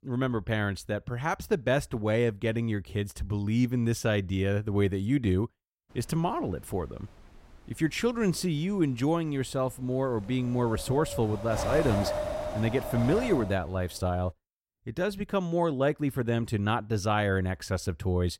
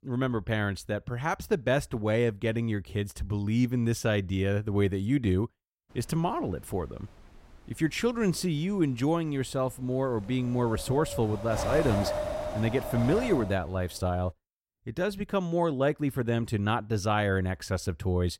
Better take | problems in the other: neither | wind noise on the microphone; heavy; from 6 to 14 s; 3 dB below the speech; the same in both

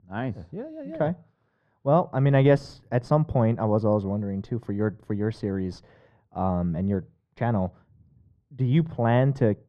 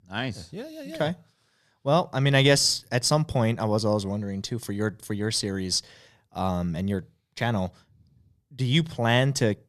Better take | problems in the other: second | muffled; very; fading above 3 kHz

